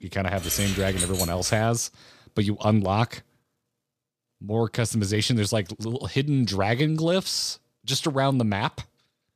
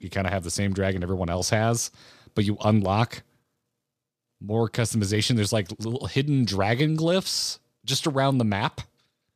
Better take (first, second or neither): second